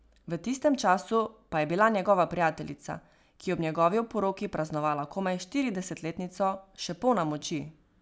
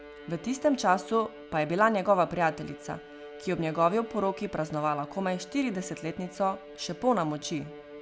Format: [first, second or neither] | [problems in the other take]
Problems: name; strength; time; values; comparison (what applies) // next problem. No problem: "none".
first | background sound (Bowed string instrument); 16 dB below the speech